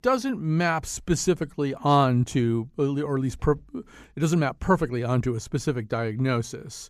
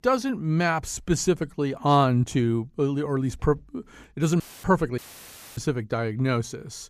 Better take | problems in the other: first | audio cutting out; filled with static; at 4.5 s and at 5 s for 0.5 s

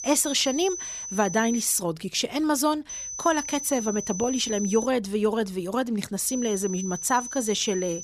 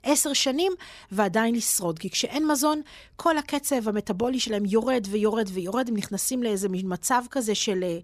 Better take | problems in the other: second | high-pitched whine; loud; until 2 s, from 3 to 5 s and from 6.5 s on; 6 kHz, 7 dB below the speech

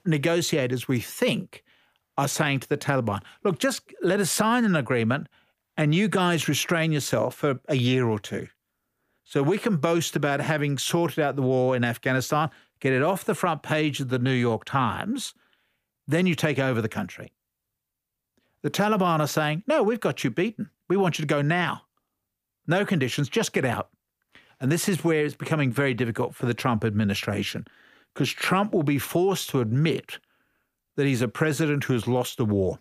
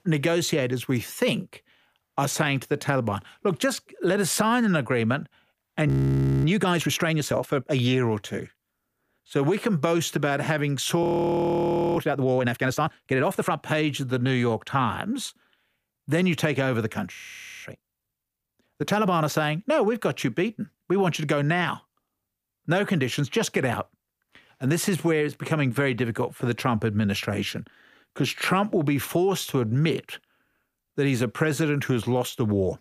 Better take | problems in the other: first | audio freezing; at 6 s for 0.5 s, at 11 s for 1 s and at 17 s

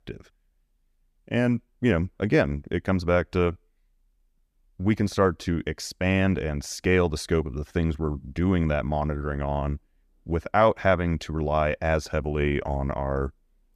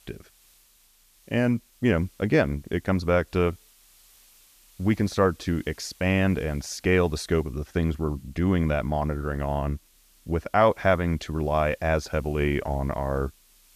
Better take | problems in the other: first | hiss; faint; throughout; 30 dB below the speech

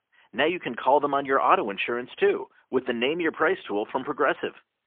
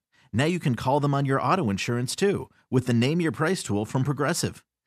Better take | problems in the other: second | phone-call audio; poor line; nothing above 3 kHz

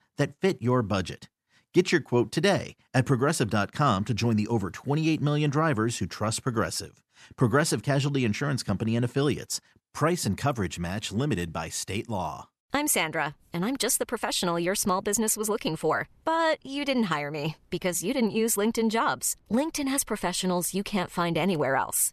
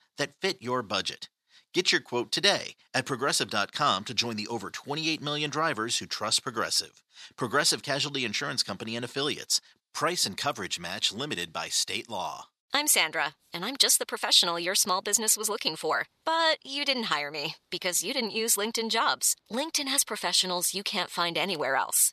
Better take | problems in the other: first | thin; somewhat; fading below 800 Hz

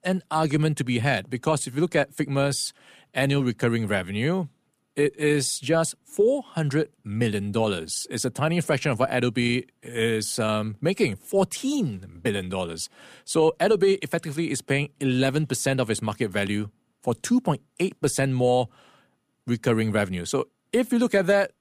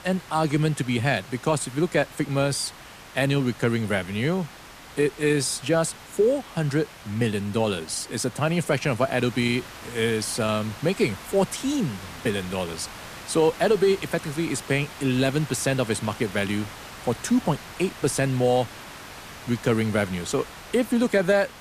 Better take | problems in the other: first | hiss; noticeable; throughout; 15 dB below the speech

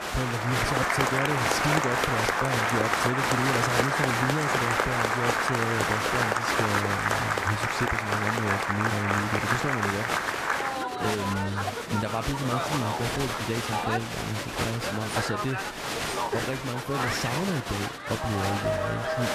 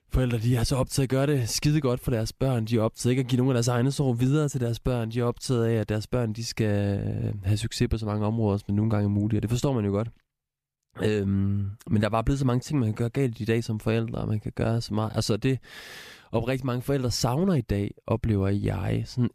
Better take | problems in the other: second | crowd noise; very loud; throughout; 5 dB above the speech

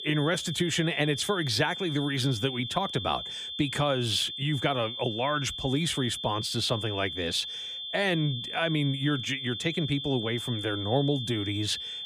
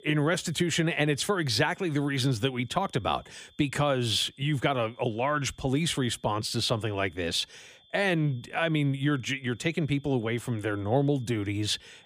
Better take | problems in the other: second | high-pitched whine; loud; throughout; 3.5 kHz, 6 dB below the speech; faint in the second

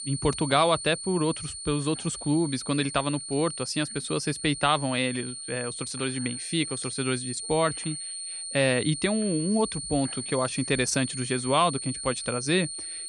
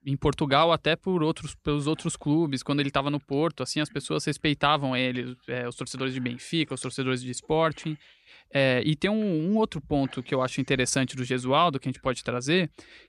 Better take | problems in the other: second | high-pitched whine; loud; throughout; 9 kHz, 6 dB below the speech

